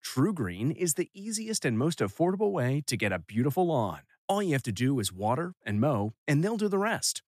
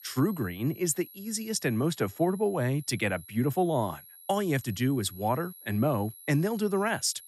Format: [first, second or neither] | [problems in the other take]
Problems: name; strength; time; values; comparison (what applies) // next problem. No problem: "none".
first | high-pitched whine; noticeable; throughout; 11.5 kHz, 20 dB below the speech